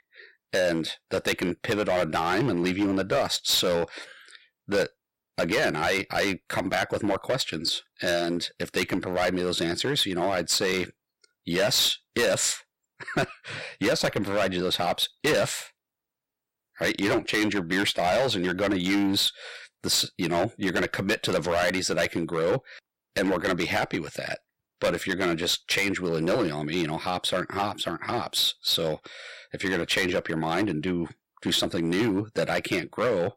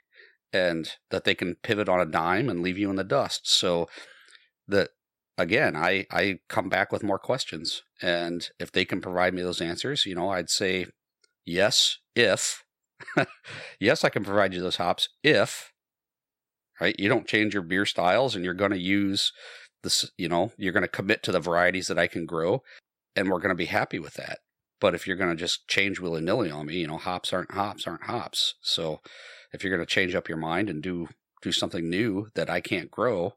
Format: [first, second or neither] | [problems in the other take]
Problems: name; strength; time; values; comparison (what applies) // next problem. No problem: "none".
second | distortion; heavy; 9% of the sound clipped